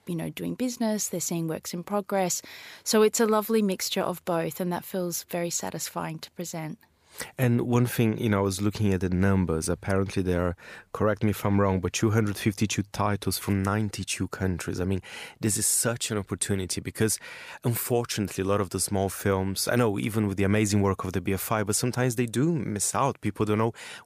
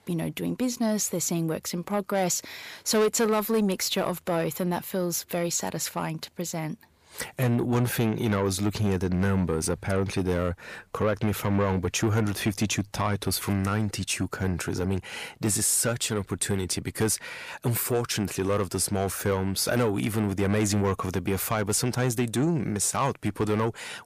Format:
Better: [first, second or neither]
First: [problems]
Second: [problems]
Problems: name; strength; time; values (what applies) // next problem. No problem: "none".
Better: first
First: none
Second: distortion; slight; 10 dB below the speech